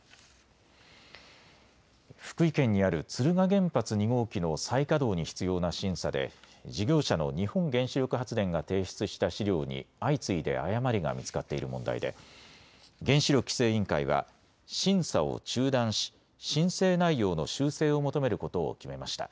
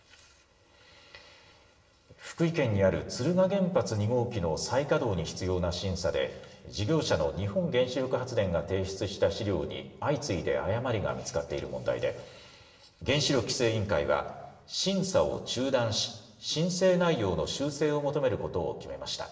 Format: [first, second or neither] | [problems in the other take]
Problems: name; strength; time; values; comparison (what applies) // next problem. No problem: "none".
first | room echo; dies away in 1 s